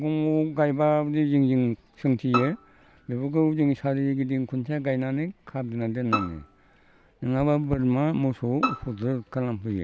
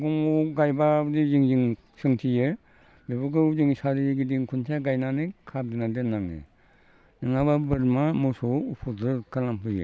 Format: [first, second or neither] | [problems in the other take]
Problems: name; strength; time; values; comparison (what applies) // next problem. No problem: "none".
second | background sound (Bowed string instrument); 8 dB below the speech